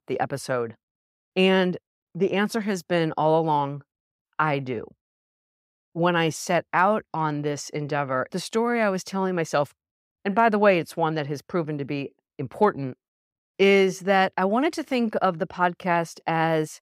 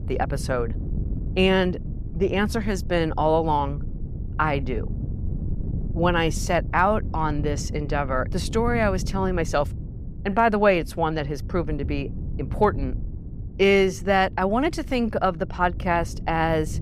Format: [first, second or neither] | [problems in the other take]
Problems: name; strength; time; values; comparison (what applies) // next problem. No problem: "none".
first | wind noise on the microphone; occasional gusts; 20 dB below the speech